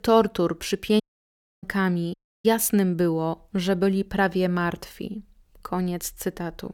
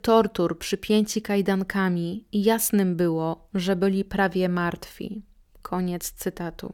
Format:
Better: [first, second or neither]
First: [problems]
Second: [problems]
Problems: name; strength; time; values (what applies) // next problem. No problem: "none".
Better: second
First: audio cutting out; at 1 s for 0.5 s and at 2 s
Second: none